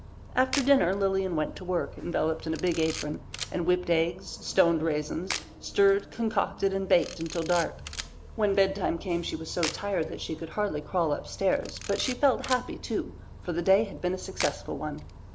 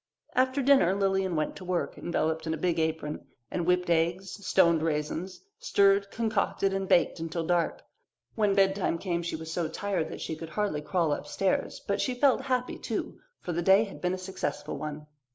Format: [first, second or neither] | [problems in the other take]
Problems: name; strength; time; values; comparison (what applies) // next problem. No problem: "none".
second | background sound (Camera + Bus); 12 dB below the speech